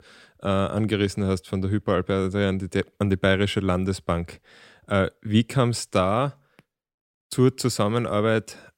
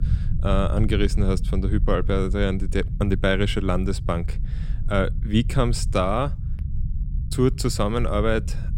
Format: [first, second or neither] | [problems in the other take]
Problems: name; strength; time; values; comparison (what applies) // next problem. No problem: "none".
first | low rumble; noticeable; throughout; 20 dB below the speech